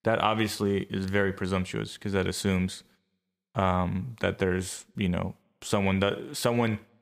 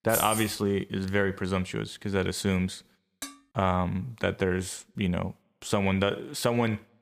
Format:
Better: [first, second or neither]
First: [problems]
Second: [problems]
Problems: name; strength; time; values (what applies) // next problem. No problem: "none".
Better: first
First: none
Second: jangling keys; noticeable; at the start; peak 1 dB below the speech // clattering dishes; faint; at 3 s; peak 10 dB below the speech